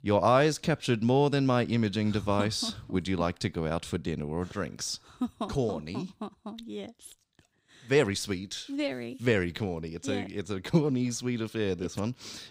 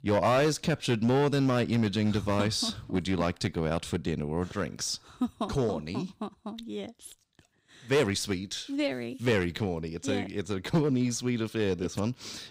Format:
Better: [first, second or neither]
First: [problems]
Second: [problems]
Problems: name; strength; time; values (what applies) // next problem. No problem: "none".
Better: first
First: none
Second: distortion; slight; 4% of the sound clipped